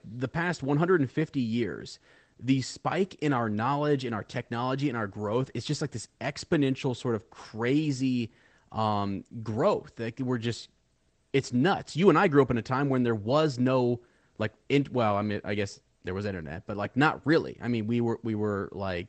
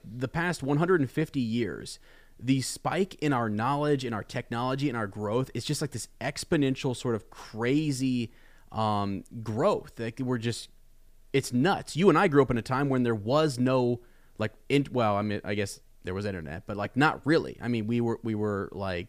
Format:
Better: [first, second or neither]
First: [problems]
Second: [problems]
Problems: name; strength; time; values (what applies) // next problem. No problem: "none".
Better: second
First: garbled, watery; slightly; nothing above 8 kHz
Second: none